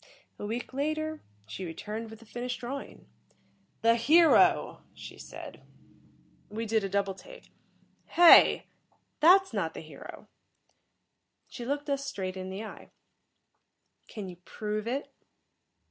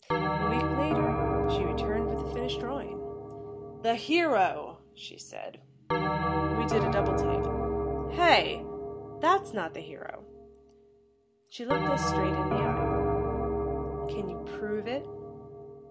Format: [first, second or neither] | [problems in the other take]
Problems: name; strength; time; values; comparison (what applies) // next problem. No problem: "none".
first | background sound (Bell); 2 dB above the speech